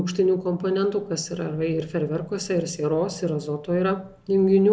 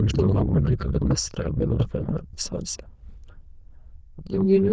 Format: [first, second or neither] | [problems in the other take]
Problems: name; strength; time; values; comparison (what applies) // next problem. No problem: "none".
first | noise reduction (neural diffusion model UNIVERSE++)